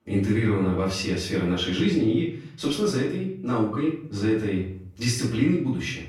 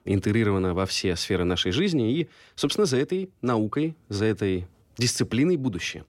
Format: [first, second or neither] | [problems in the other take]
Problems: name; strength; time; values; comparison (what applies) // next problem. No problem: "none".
second | room echo; noticeable; dies away in 0.5 s // off-mic speech; far